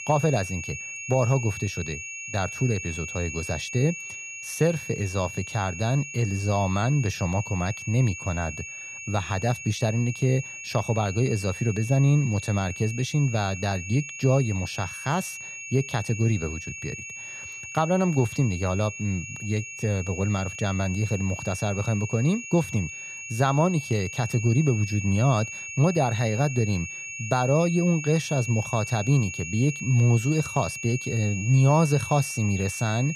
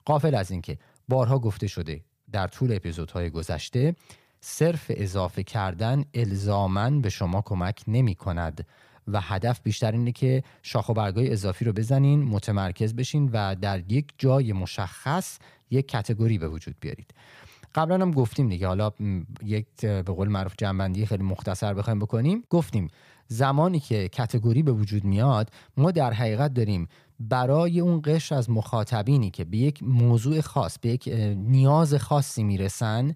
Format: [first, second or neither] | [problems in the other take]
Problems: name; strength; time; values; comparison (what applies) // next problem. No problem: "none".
second | high-pitched whine; loud; throughout; 2.5 kHz, 9 dB below the speech